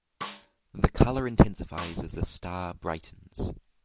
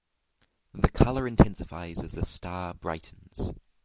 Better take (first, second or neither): second